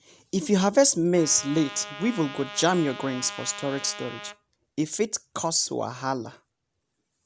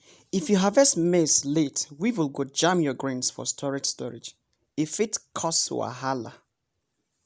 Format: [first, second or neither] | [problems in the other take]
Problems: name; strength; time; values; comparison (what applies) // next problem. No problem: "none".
second | background sound (Trumpet); 13 dB below the speech